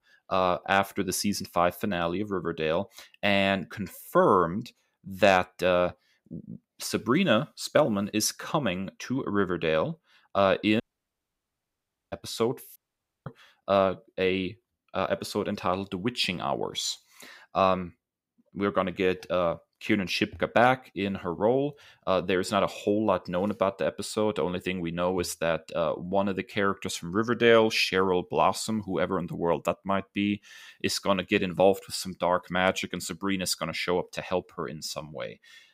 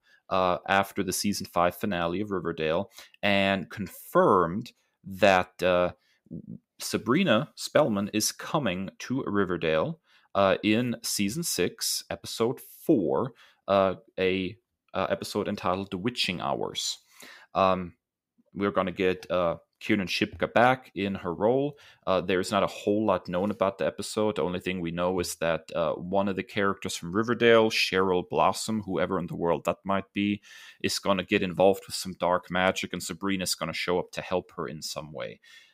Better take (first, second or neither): second